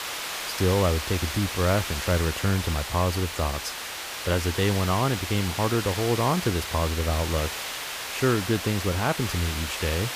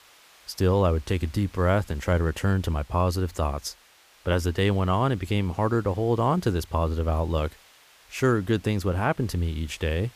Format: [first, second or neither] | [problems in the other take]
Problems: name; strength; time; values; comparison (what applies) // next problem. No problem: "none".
second | hiss; loud; throughout; 5 dB below the speech; faint in the second